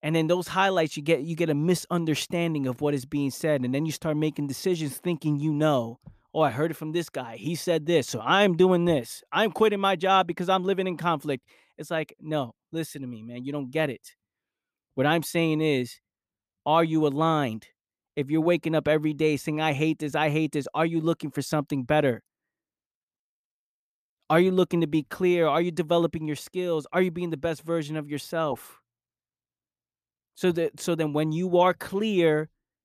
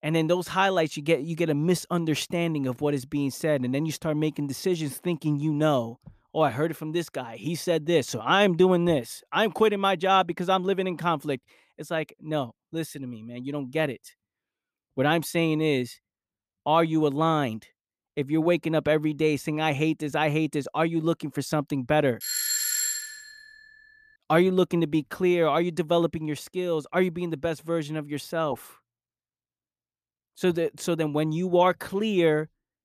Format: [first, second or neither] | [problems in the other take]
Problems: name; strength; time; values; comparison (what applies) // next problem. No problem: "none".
first | doorbell; loud; from 22 to 23 s; peak 2 dB above the speech